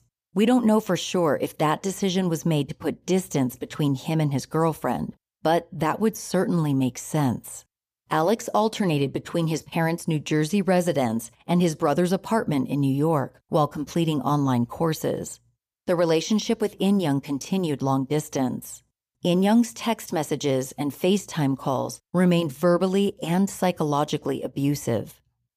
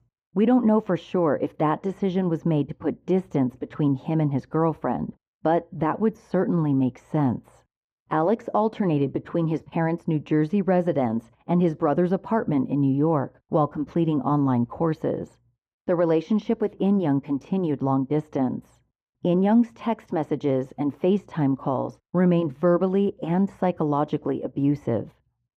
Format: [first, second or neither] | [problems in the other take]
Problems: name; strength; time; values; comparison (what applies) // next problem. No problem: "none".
first | muffled; very; fading above 3.5 kHz